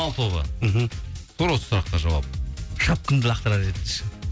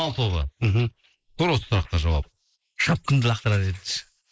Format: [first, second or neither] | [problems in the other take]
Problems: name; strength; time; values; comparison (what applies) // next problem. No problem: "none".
first | noise reduction (neural mask model Resemble Enhance denoiser)